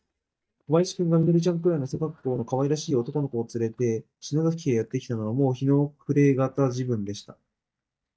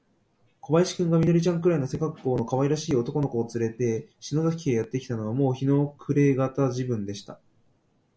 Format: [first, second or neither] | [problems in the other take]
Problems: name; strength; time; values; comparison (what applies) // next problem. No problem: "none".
second | noise reduction (neural mask model DeepFilterNet 3)